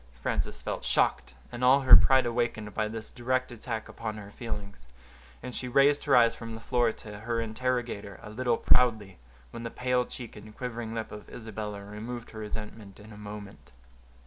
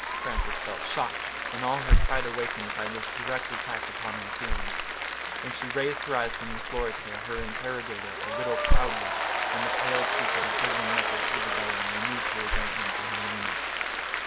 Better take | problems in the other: first | background sound (Applause); 2 dB below the speech

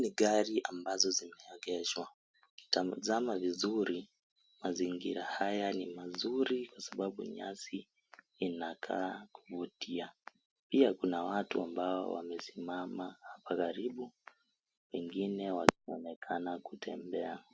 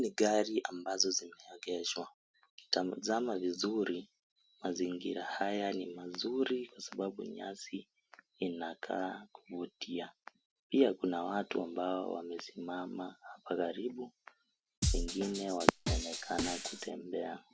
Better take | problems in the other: first | background sound (Drum kit); as loud as the speech

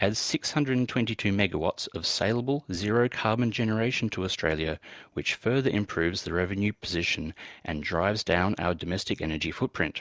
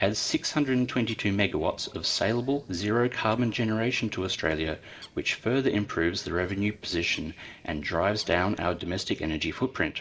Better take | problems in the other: first | noise reduction (neural separator model SepFormer DNS4)

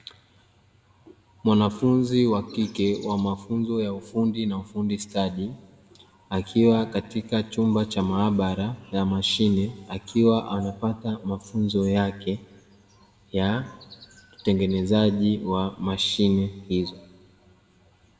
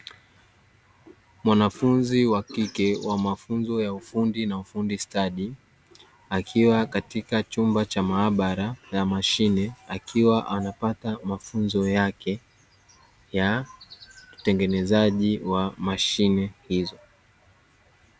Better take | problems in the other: second | room echo; dies away in 1 s

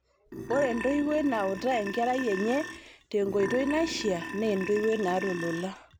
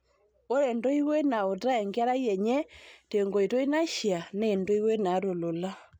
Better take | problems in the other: second | background sound (Burping, eructation); 9 dB below the speech

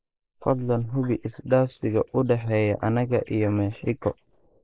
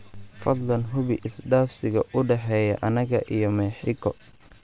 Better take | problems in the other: second | noise reduction (neural mask model Resemble Enhance denoiser)

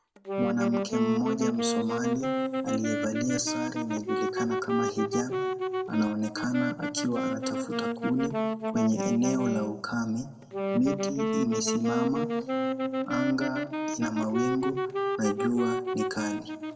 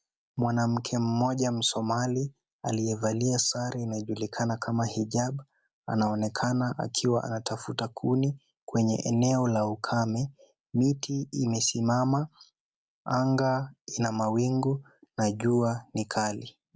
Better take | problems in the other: second | background sound (Wind instrument, woodwind instrument); as loud as the speech // room echo; dies away in 1.8 s

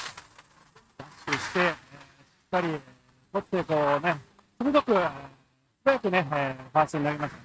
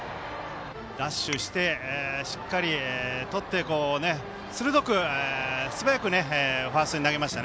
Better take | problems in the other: second | noise reduction (neural mask model RNNoise)

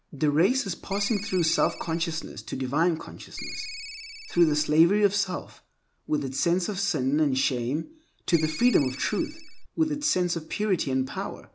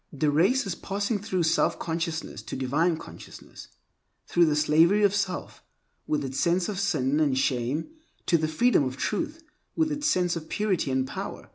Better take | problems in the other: second | background sound (Ringtone); 10 dB below the speech

